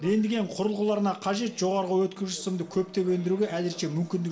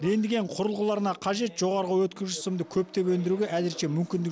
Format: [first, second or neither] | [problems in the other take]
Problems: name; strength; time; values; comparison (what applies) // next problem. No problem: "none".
second | room echo; dies away in 0.6 s